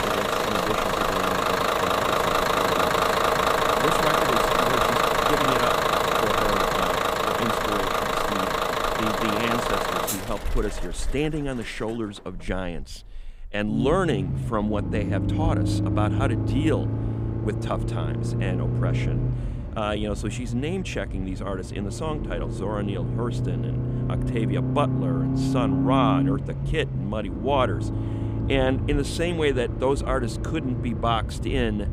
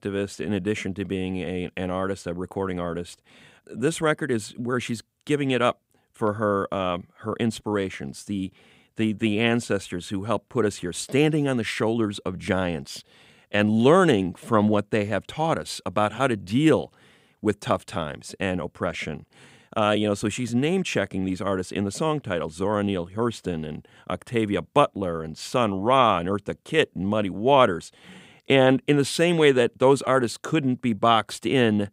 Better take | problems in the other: second | traffic noise; very loud; throughout; 4 dB above the speech

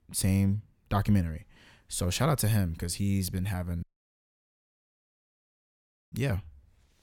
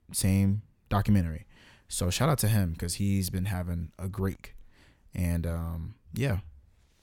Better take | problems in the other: second | audio cutting out; at 4 s for 2.5 s

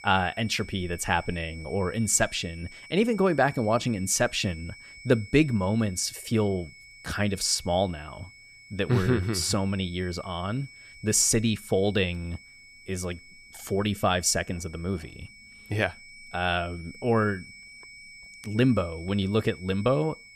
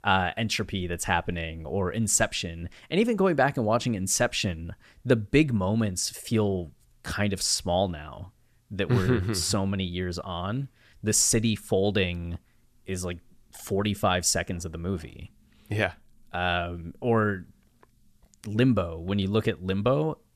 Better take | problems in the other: second | high-pitched whine; noticeable; throughout; 2.5 kHz, 20 dB below the speech

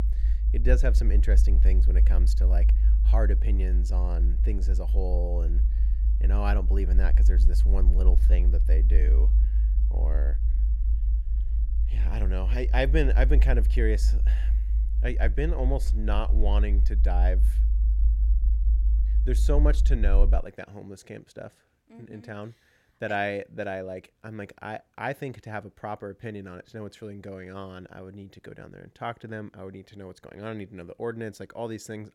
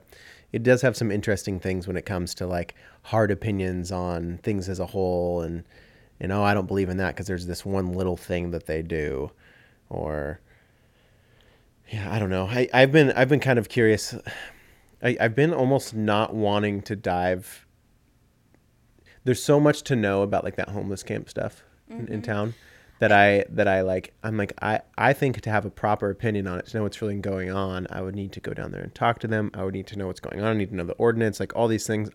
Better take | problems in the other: second | low rumble; noticeable; until 20 s; 10 dB below the speech

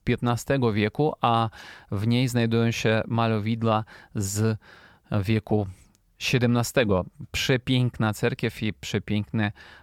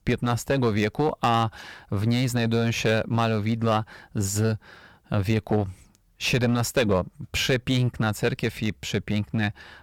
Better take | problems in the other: first | distortion; slight; 7% of the sound clipped

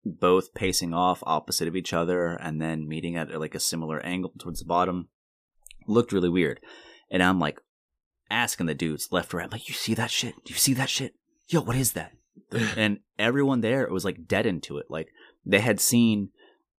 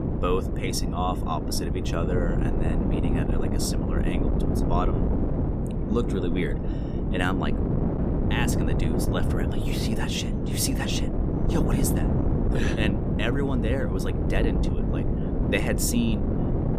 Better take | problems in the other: first | wind noise on the microphone; heavy; 2 dB below the speech

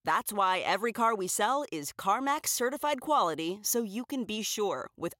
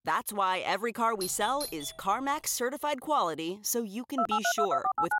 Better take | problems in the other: first | doorbell; noticeable; at 1 s; peak 7 dB below the speech // phone ringing; loud; from 4 s on; peak 2 dB above the speech

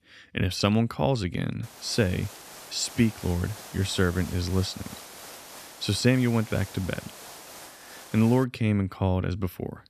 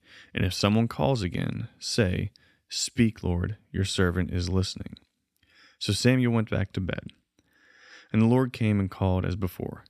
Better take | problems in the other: second | hiss; noticeable; from 1.5 to 8.5 s; 15 dB below the speech

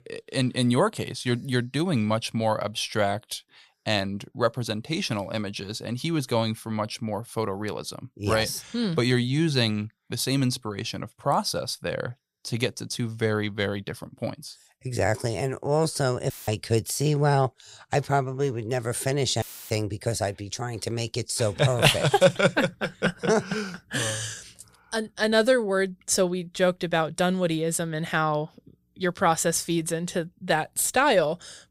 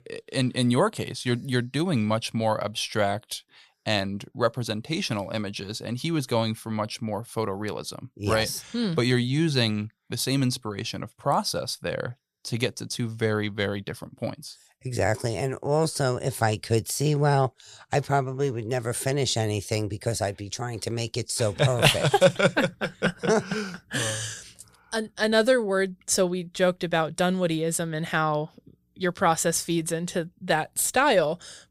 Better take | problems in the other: second | audio cutting out; filled with static; at 16 s and at 19 s

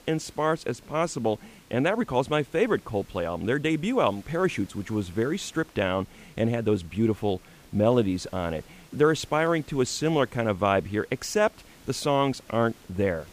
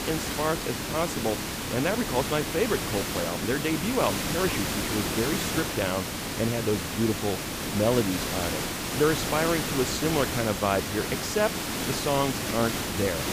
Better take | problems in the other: first | hiss; loud; throughout; 1 dB below the speech; faint in the first

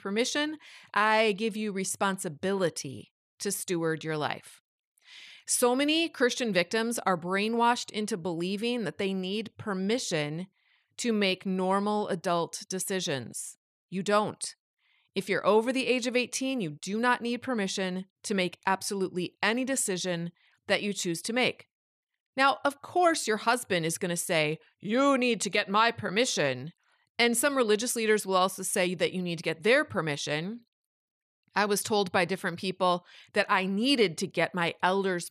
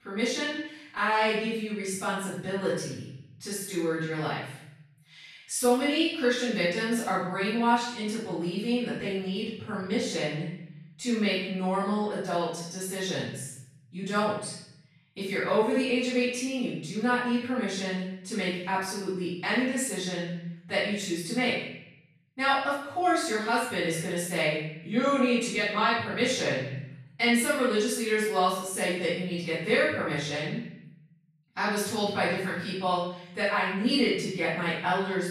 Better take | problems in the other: first | room echo; strong; dies away in 0.8 s // off-mic speech; far

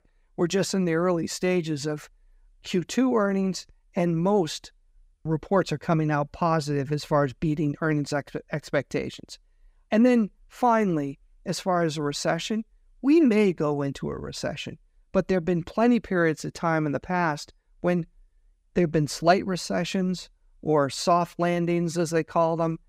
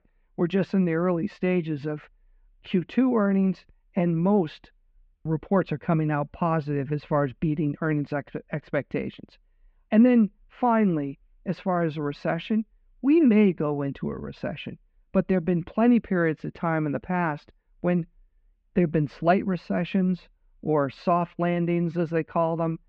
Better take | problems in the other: first | muffled; very; fading above 3 kHz

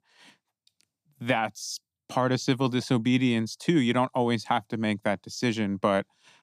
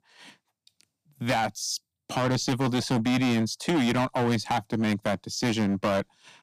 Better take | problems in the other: first | distortion; heavy; 15% of the sound clipped

